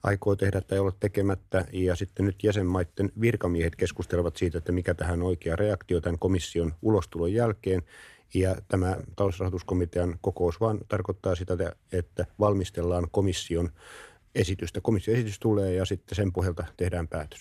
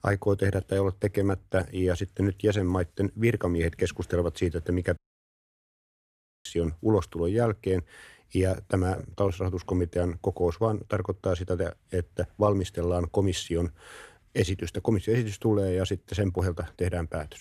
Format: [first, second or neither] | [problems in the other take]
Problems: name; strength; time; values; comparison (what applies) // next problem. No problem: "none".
first | audio cutting out; at 5 s for 1.5 s